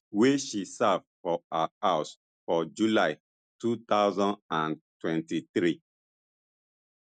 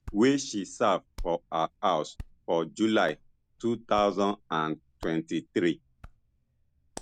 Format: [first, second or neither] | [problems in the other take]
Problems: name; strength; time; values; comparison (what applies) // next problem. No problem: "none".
first | background sound (Hands); 18 dB below the speech